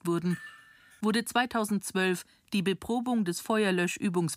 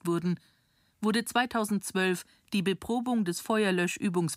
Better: second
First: clattering dishes; faint; at 0.5 s; peak 15 dB below the speech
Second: none

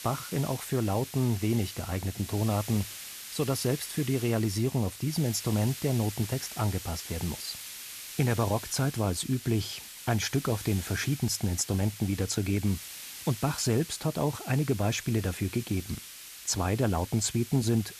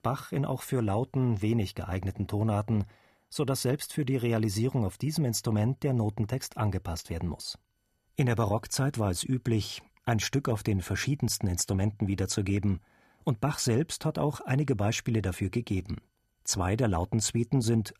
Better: second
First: hiss; noticeable; throughout; 10 dB below the speech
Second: none

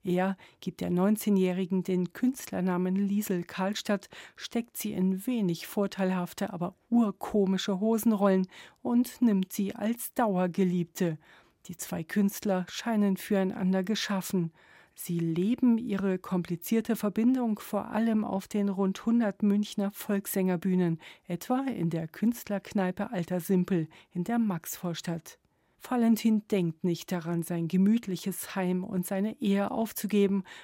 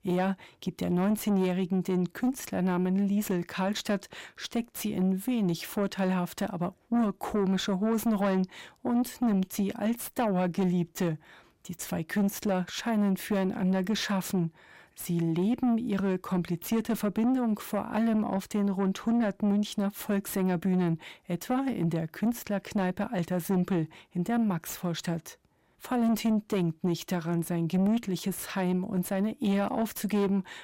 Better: first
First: none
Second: distortion; slight; 10 dB below the speech

